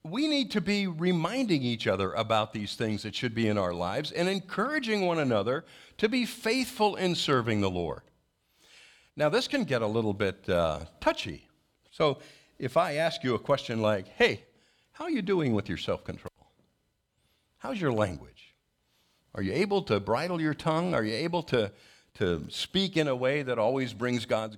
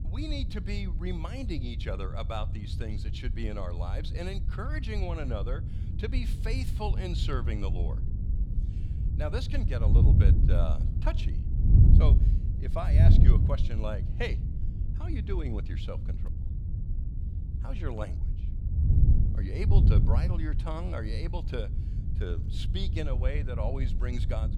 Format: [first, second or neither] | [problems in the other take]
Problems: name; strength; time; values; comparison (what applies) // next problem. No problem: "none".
first | wind noise on the microphone; heavy; 5 dB below the speech